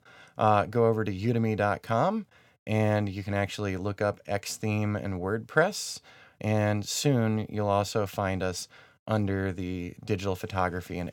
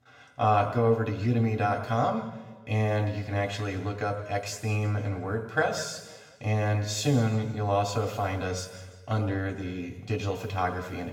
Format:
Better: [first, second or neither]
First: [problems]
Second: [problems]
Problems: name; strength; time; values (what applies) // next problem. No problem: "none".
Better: first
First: none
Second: room echo; noticeable; dies away in 1.2 s // off-mic speech; far